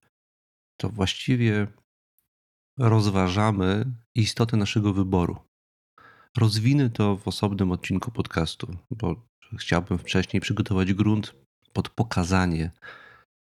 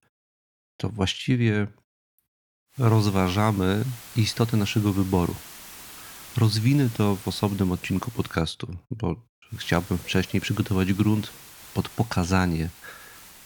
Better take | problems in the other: first | hiss; noticeable; from 3 to 8.5 s and from 9.5 s on; 15 dB below the speech

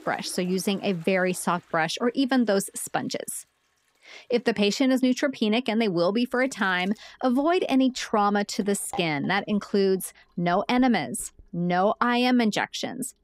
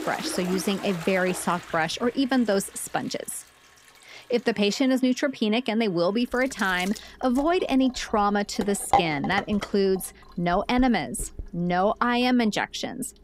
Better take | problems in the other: first | household noises; loud; throughout; 10 dB below the speech; faint in the first

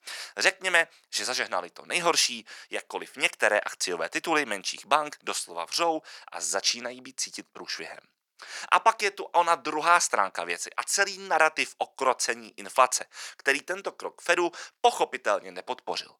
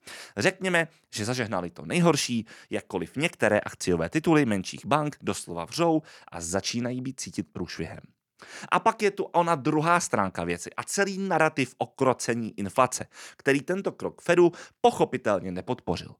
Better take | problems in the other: second | thin; very; fading below 700 Hz

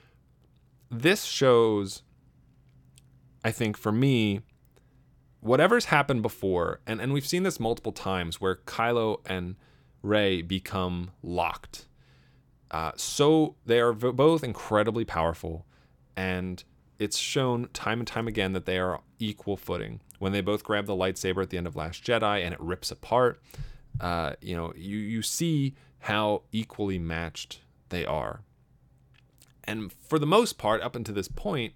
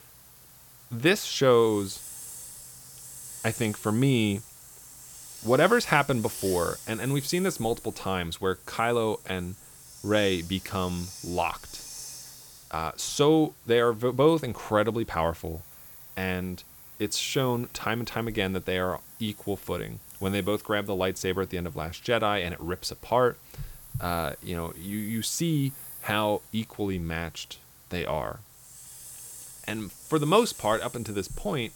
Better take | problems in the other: first | hiss; noticeable; throughout; 15 dB below the speech

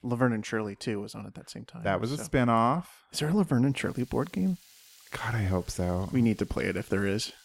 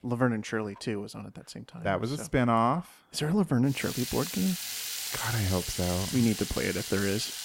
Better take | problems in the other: first | household noises; loud; throughout; 5 dB below the speech; faint in the first

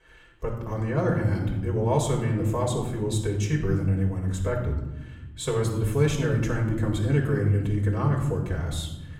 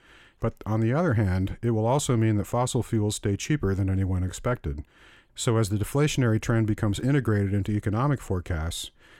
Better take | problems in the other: second | off-mic speech; far // room echo; noticeable; dies away in 1.1 s

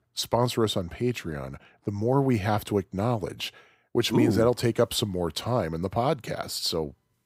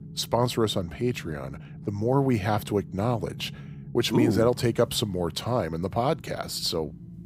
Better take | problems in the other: first | low rumble; faint; throughout; 25 dB below the speech

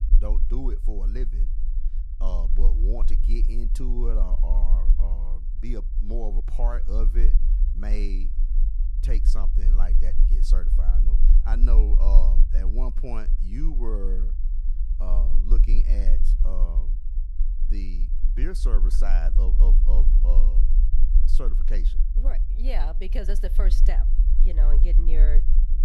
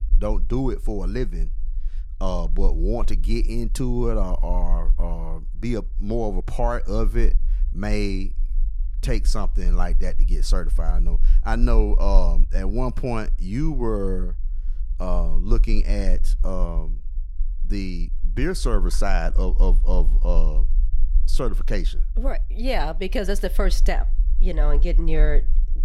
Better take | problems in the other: second | low rumble; loud; throughout; 9 dB below the speech; faint in the second

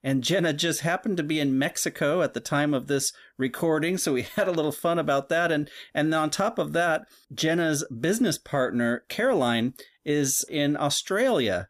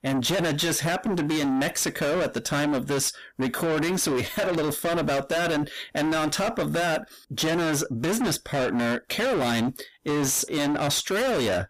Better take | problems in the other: first | distortion; heavy; 6 dB below the speech

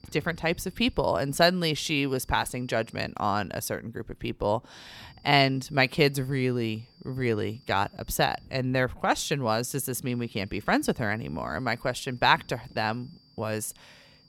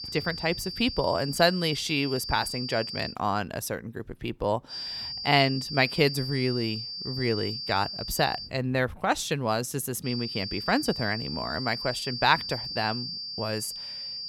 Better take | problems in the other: first | high-pitched whine; loud; until 3 s, from 4.5 to 8.5 s and from 10 s on; 4.5 kHz, 6 dB below the speech; faint in the first

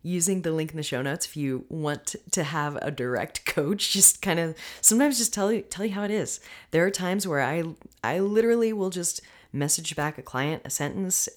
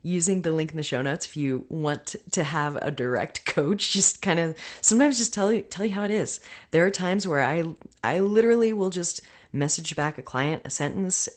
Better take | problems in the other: first | garbled, watery; slightly; nothing above 8 kHz

